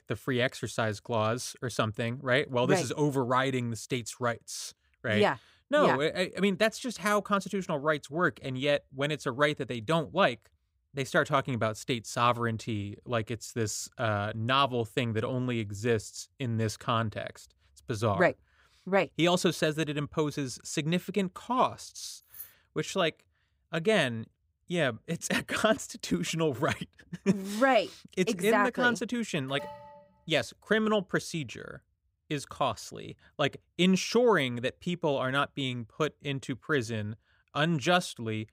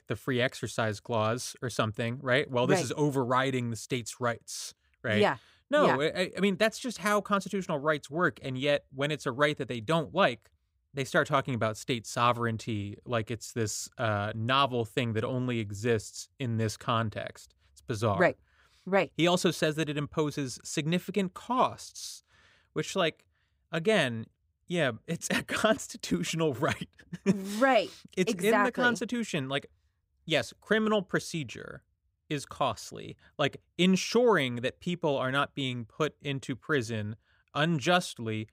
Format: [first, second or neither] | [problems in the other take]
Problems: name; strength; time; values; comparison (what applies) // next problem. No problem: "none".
second | jangling keys; faint; at 22 s; peak 15 dB below the speech // alarm; faint; at 29 s; peak 15 dB below the speech